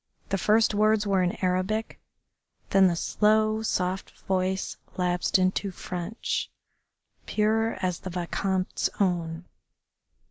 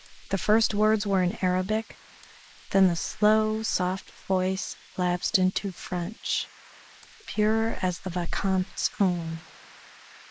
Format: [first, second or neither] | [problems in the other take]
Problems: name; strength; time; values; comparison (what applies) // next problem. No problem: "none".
first | noise reduction (neural mask model Resemble Enhance denoiser)